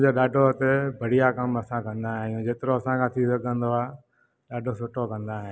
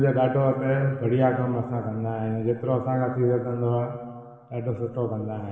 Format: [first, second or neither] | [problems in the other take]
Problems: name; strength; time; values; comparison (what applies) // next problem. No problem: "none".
first | room echo; dies away in 1.8 s